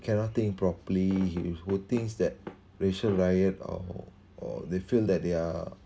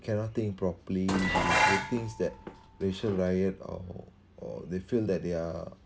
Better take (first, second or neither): first